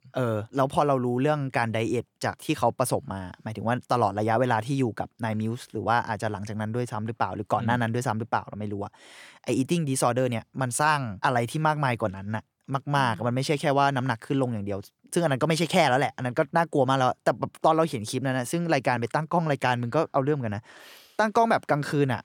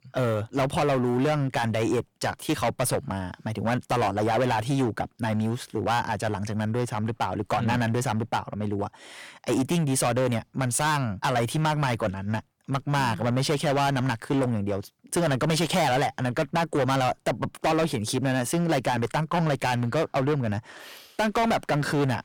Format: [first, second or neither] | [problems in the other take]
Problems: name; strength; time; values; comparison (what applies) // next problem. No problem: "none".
first | distortion; heavy; 15% of the sound clipped